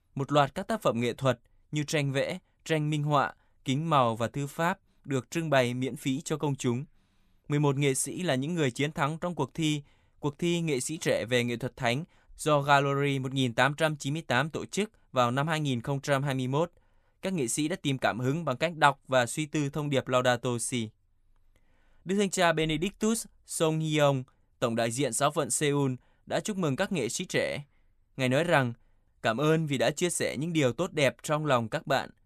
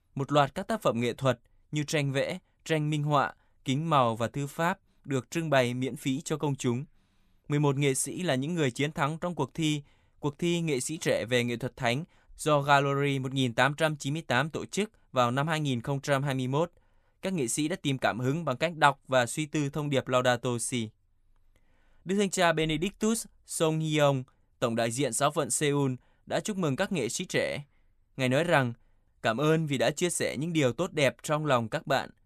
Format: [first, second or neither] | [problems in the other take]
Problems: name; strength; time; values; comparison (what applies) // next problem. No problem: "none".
neither | none